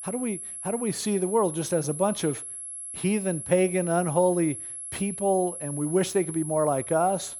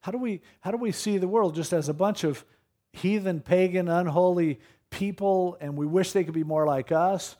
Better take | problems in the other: second | high-pitched whine; loud; throughout; 11 kHz, 8 dB below the speech

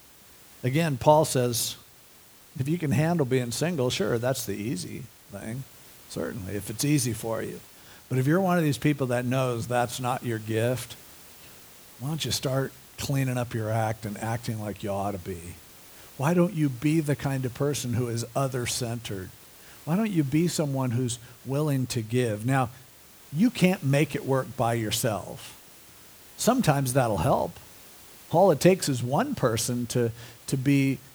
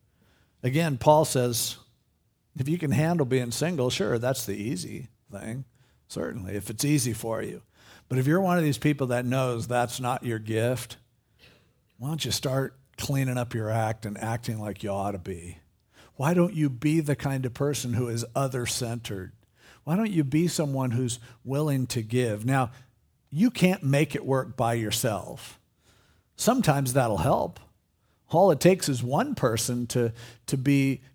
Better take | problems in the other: second | hiss; faint; throughout; 20 dB below the speech

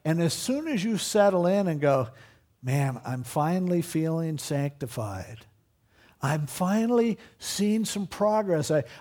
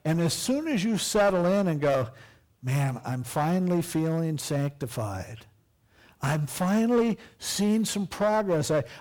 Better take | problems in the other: first | distortion; slight; 7% of the sound clipped

